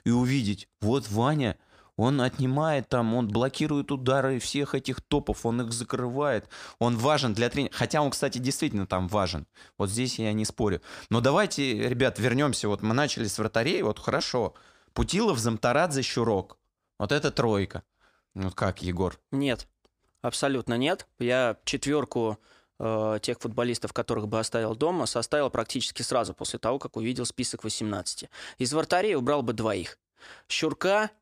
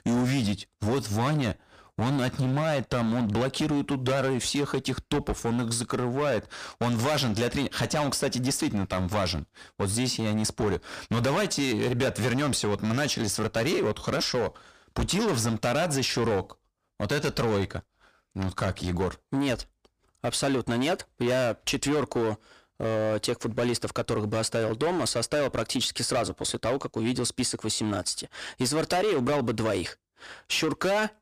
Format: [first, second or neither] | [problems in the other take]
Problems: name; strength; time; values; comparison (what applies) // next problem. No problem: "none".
first | distortion; heavy; 15% of the sound clipped